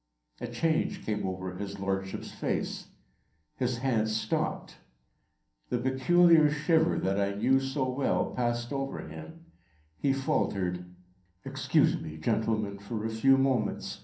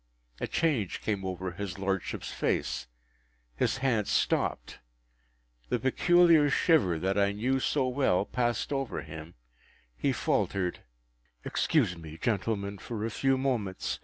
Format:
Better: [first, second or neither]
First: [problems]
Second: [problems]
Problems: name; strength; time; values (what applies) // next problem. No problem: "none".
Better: second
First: room echo; dies away in 0.6 s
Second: none